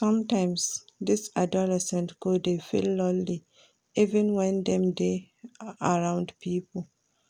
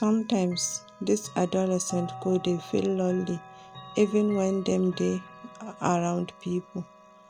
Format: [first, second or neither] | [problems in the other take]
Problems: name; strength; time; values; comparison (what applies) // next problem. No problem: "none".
first | background sound (Chime / Clock); 18 dB below the speech